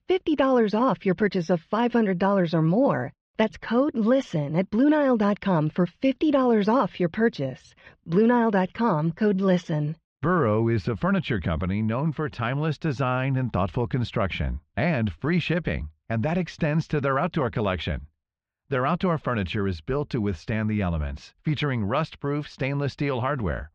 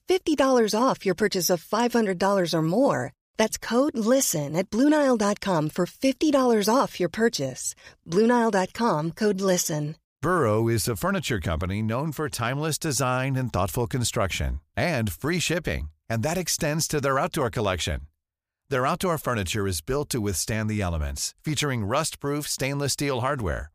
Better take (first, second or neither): second